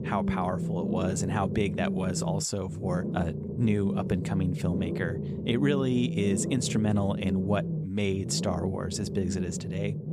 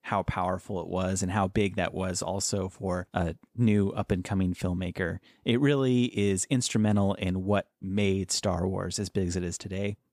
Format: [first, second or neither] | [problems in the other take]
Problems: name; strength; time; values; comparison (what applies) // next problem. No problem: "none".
second | low rumble; loud; throughout; 6 dB below the speech